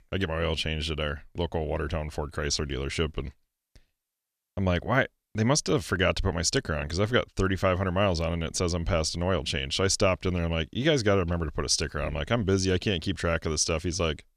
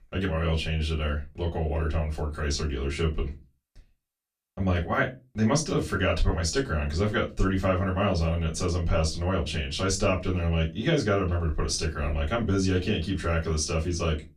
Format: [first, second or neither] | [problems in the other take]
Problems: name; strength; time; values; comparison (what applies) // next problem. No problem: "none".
first | off-mic speech; far // room echo; very slight; dies away in 0.2 s